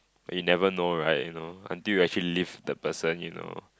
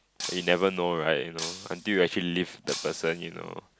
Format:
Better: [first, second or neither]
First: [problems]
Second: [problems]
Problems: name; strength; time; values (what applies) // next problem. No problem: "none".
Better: first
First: none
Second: background sound (Shatter); 12 dB below the speech